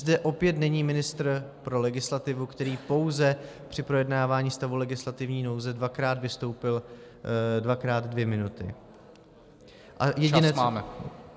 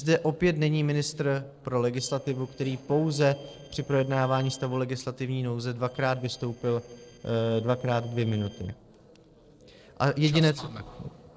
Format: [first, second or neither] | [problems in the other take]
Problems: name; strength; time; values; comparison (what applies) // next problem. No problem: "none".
first | noise reduction (neural separator model SepFormer DNS4)